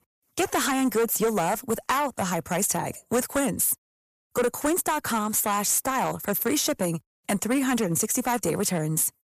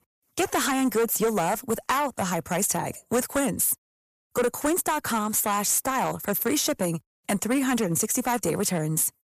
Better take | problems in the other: neither | distortion; slight; 8% of the sound clipped; the same in both

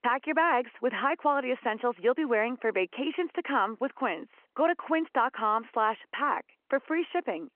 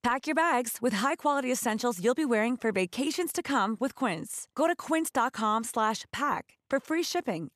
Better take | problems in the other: second | phone-call audio

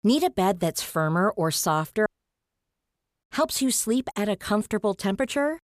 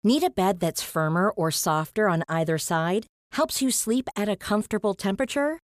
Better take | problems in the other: second | audio cutting out; at 2 s for 1 s

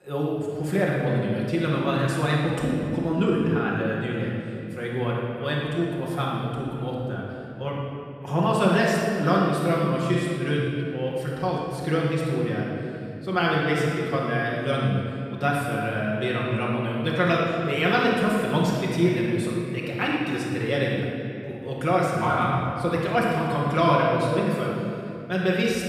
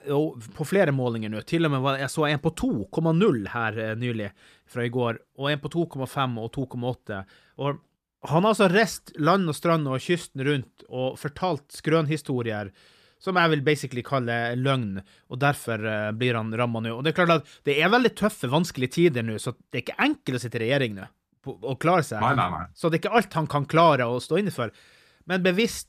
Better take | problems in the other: second | room echo; strong; dies away in 2.4 s // off-mic speech; far

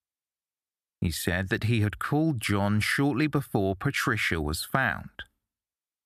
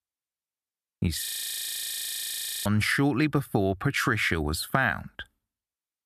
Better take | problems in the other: first | audio freezing; at 1.5 s for 1.5 s

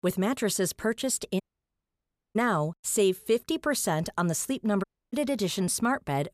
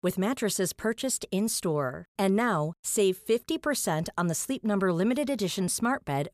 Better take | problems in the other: second | audio cutting out; at 1.5 s for 1 s and at 5 s

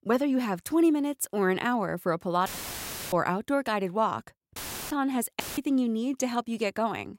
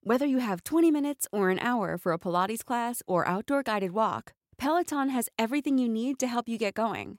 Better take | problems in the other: second | audio cutting out; filled with static; at 2.5 s for 0.5 s, at 4.5 s and at 5.5 s

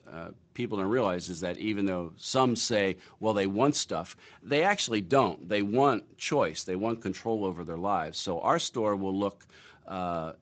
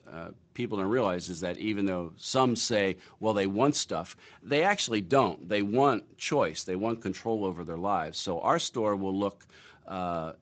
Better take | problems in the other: neither | garbled, watery; slightly; nothing above 7.5 kHz; the same in both

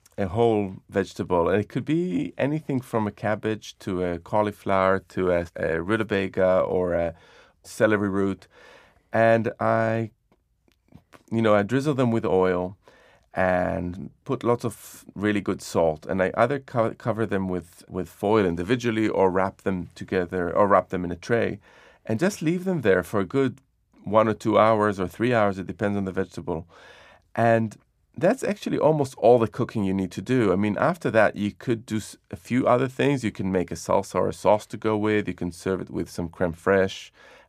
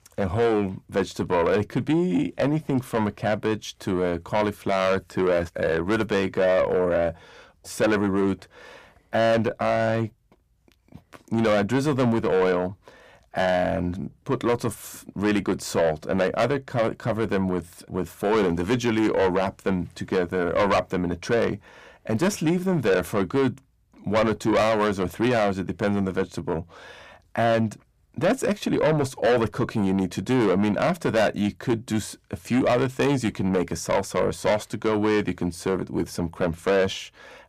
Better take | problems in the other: first | distortion; heavy; 7 dB below the speech

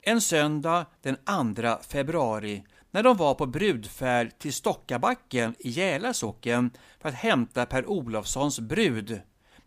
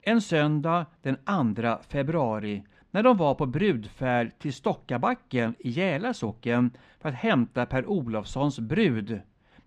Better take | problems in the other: first | muffled; slightly; fading above 3 kHz

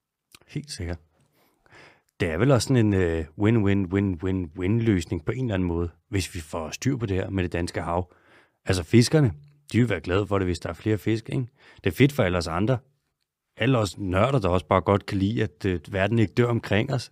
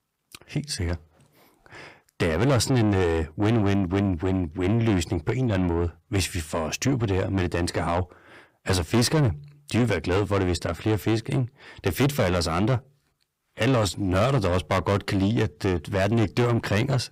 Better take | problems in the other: first | distortion; heavy; 7 dB below the speech

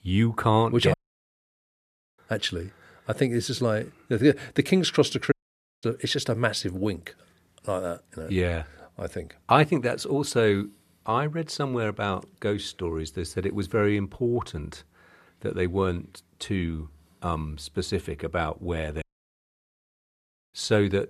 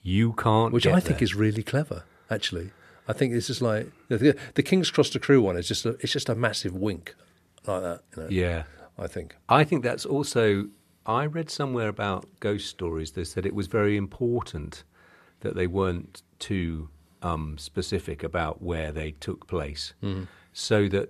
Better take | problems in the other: second | audio cutting out; at 1 s for 1 s, at 5.5 s for 0.5 s and at 19 s for 1.5 s

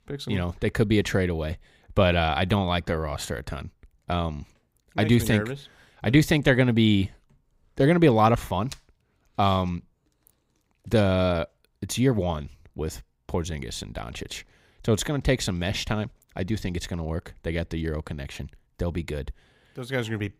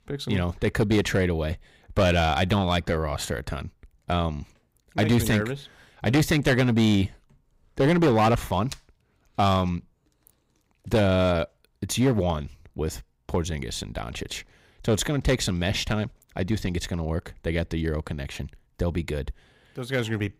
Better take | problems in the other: first | distortion; slight; 4% of the sound clipped

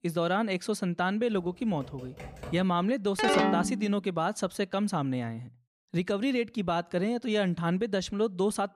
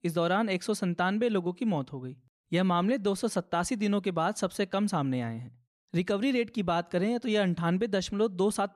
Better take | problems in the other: second | keyboard typing; faint; from 1.5 to 2.5 s; peak 15 dB below the speech // phone ringing; loud; at 3 s; peak 4 dB above the speech

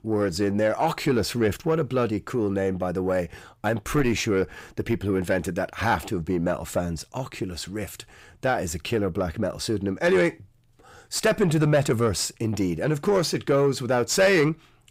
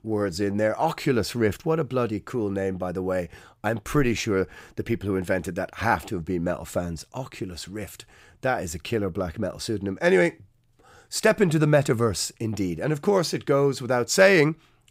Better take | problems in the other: second | distortion; slight; 10 dB below the speech

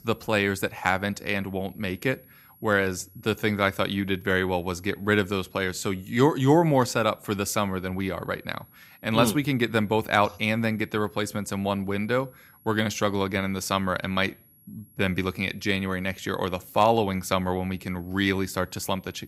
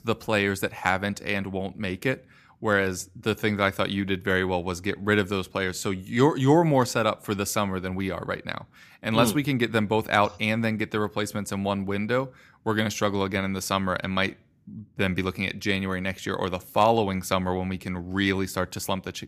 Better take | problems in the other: second | high-pitched whine; faint; throughout; 11.5 kHz, 30 dB below the speech

